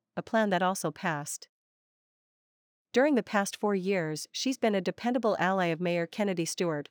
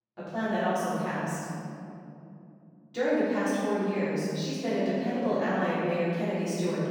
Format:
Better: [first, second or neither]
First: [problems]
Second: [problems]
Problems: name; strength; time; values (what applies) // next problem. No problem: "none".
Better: first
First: none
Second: room echo; strong; dies away in 3 s // off-mic speech; far